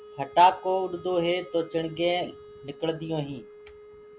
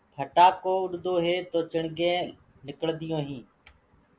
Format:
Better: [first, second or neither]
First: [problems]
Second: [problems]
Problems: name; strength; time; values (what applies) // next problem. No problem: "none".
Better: second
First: background sound (Wind instrument, woodwind instrument); 19 dB below the speech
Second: none